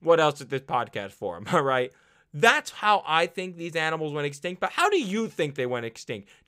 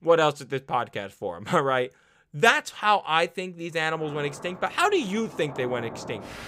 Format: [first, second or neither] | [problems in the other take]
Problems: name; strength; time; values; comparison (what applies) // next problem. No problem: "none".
first | rain or running water; noticeable; from 4 s on; 15 dB below the speech